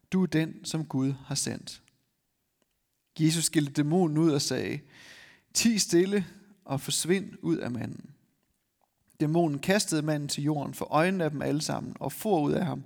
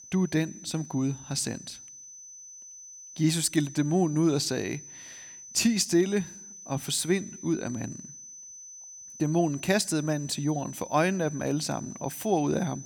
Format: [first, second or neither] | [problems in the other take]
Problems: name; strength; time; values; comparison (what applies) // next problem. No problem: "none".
first | high-pitched whine; noticeable; throughout; 6 kHz, 15 dB below the speech